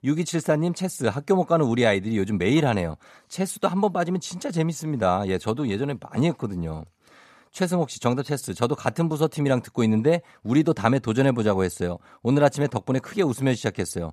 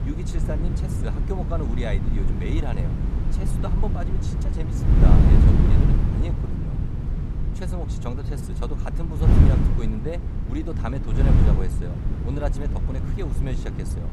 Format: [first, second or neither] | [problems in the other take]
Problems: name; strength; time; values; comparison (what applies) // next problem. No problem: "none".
first | wind noise on the microphone; heavy; 1 dB above the speech